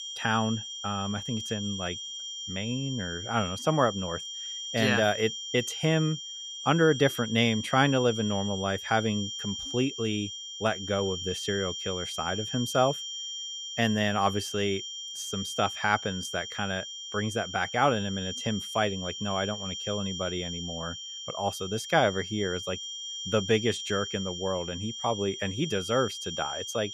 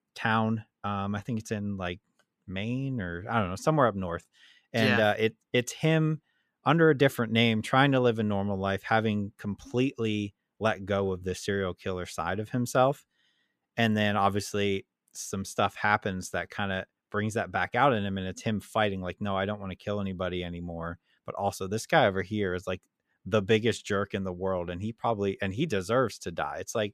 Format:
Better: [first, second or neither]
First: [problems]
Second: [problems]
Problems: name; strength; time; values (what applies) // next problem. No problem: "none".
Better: second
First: high-pitched whine; loud; throughout; 3 kHz, 6 dB below the speech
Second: none